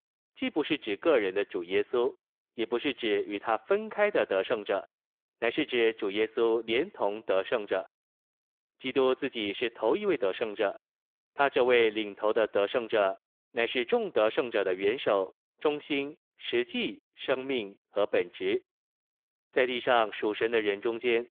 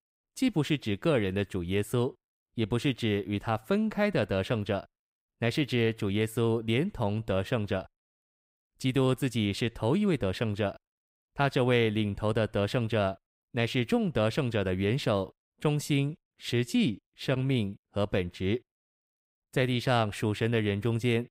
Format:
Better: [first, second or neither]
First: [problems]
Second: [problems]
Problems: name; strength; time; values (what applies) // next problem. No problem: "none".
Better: second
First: phone-call audio; nothing above 3.5 kHz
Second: none